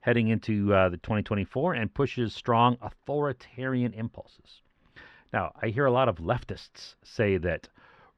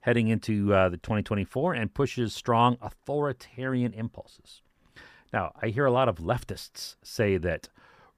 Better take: second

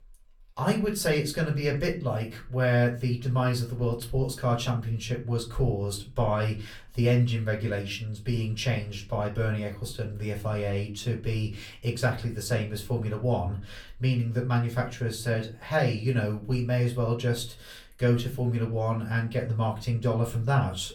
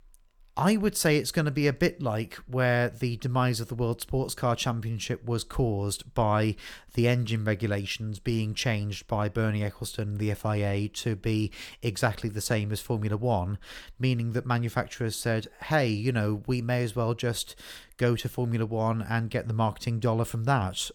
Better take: second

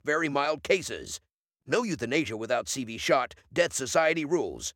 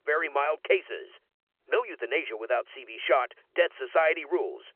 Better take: first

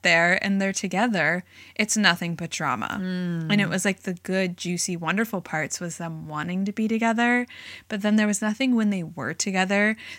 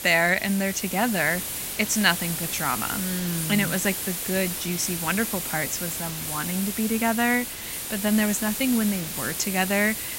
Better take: first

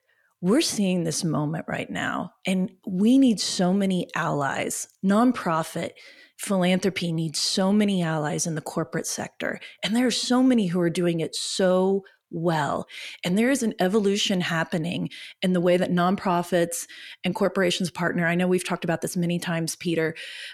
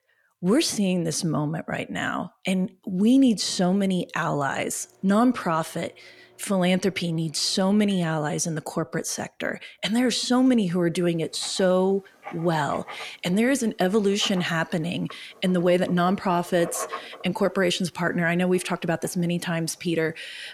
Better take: first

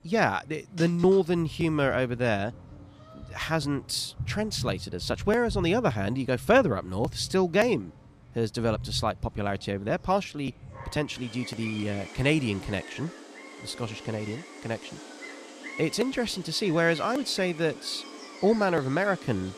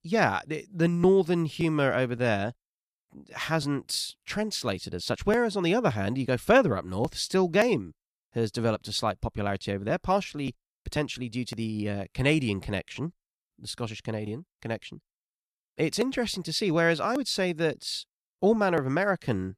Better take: second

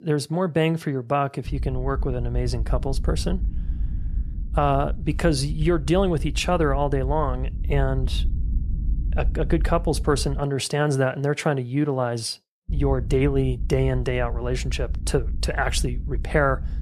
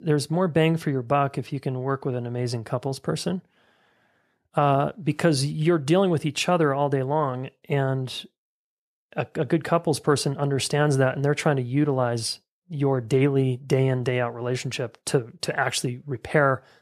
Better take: second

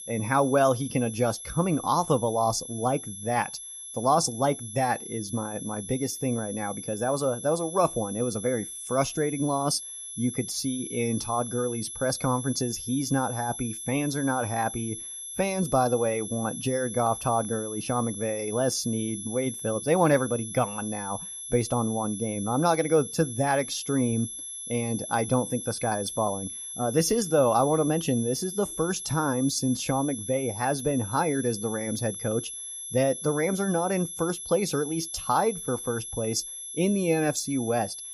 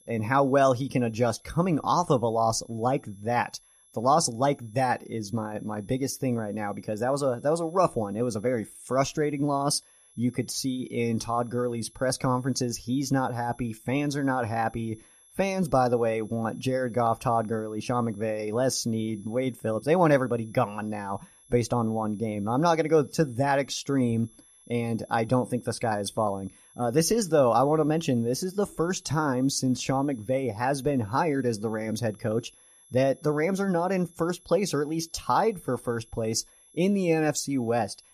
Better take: second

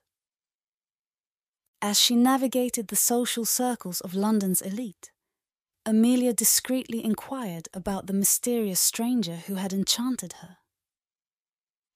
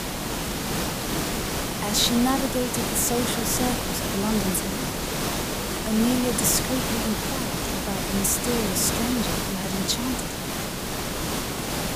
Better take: first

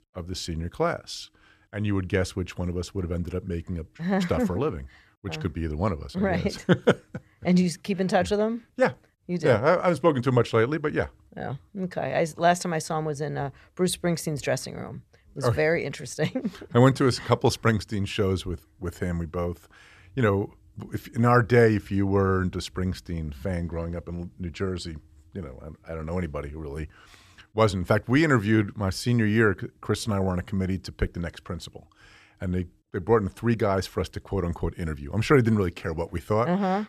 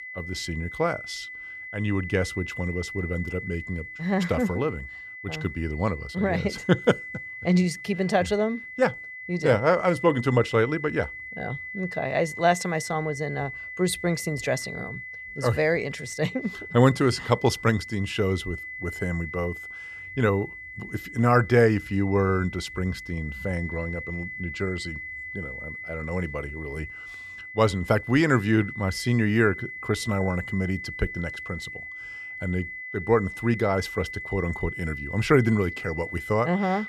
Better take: first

